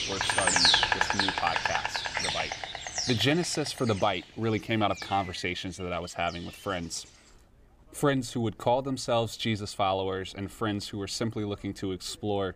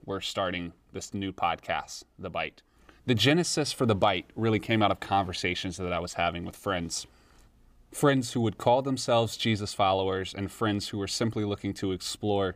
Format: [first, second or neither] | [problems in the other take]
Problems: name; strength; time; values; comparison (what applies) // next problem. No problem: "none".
second | animal sounds; very loud; throughout; 4 dB above the speech